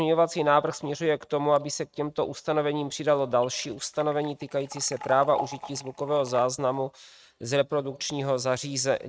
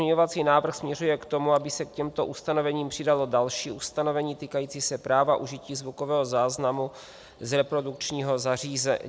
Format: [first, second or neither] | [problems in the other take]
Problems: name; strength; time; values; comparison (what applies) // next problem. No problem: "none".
second | noise reduction (neural mask model RNNoise)